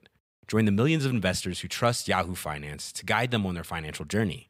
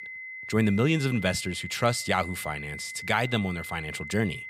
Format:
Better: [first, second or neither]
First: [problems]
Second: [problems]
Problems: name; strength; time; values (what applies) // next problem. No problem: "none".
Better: first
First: none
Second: high-pitched whine; loud; throughout; 2 kHz, 10 dB below the speech